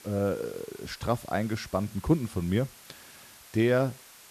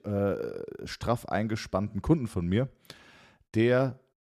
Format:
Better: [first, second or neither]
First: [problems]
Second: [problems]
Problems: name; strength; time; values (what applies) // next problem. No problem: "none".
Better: second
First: hiss; noticeable; throughout; 20 dB below the speech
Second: none